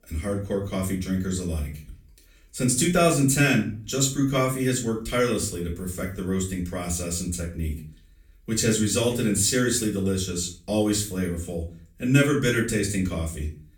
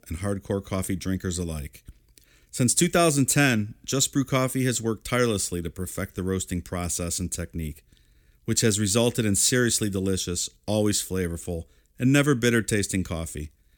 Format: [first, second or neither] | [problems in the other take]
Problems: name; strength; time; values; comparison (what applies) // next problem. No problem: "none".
second | off-mic speech; far // room echo; slight; dies away in 0.3 s